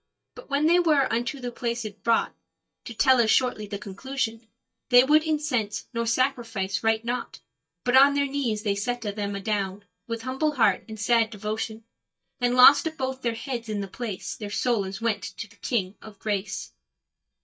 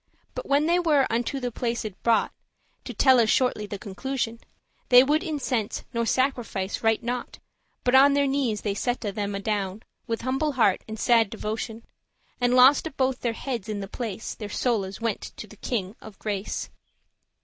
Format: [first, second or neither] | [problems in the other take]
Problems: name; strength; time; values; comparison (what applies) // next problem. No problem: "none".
second | noise reduction (neural mask model DeepFilterNet 3)